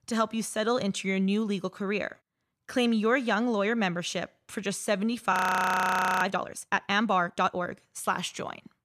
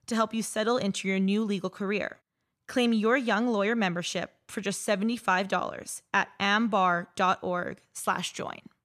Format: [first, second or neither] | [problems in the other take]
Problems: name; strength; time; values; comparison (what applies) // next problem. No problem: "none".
second | audio freezing; at 5.5 s for 1 s